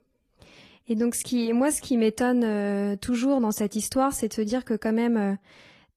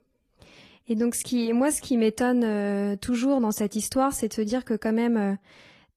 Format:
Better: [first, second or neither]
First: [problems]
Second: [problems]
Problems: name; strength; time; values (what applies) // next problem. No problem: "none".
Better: neither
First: garbled, watery; slightly; nothing above 12 kHz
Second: garbled, watery; slightly; nothing above 12 kHz